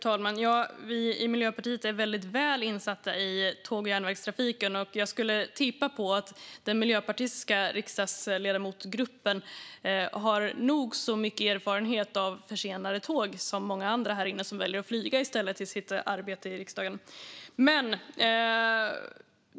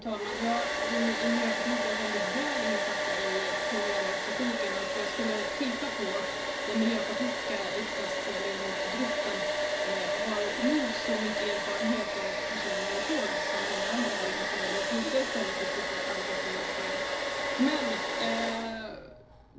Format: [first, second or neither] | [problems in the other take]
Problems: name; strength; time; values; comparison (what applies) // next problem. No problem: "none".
first | background sound (Domestic sounds, home sounds); 3 dB above the speech // room echo; dies away in 0.4 s